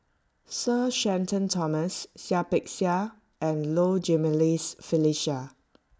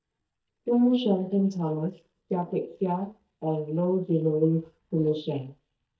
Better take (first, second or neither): first